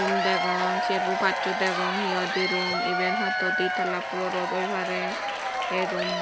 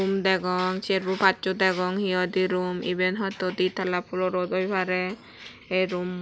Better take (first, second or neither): second